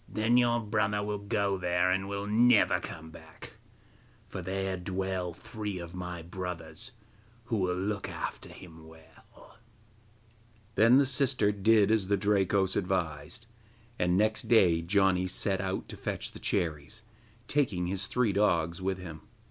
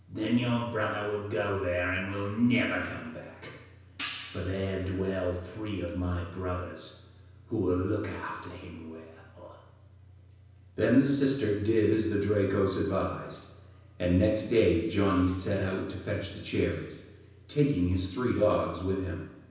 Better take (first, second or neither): first